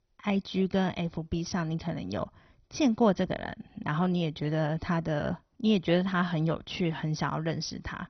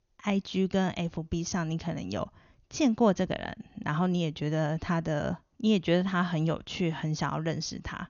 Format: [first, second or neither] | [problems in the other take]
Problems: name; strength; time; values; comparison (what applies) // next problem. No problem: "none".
second | garbled, watery; badly; nothing above 6 kHz; slightly in the second